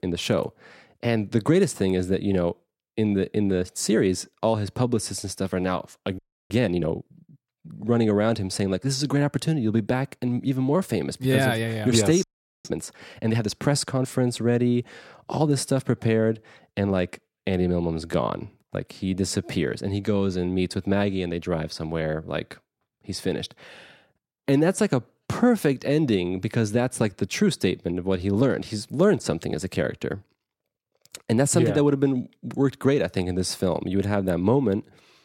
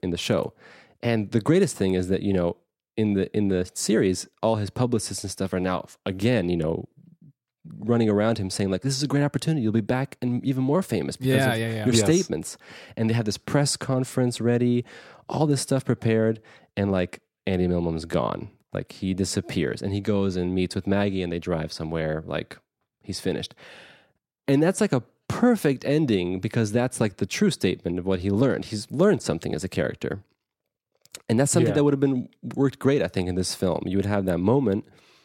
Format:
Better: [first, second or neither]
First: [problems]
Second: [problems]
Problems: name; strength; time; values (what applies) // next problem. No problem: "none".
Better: second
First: audio freezing; at 6 s and at 12 s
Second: none